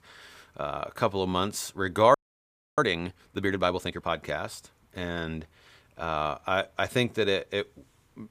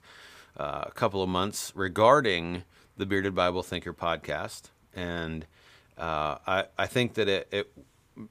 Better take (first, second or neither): second